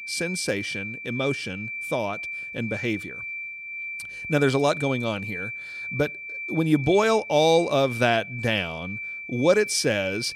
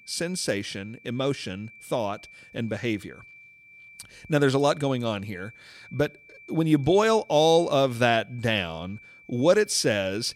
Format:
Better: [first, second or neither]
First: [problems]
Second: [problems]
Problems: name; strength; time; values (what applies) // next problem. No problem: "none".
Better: second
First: high-pitched whine; loud; throughout; 2.5 kHz, 8 dB below the speech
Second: high-pitched whine; faint; throughout; 2.5 kHz, 25 dB below the speech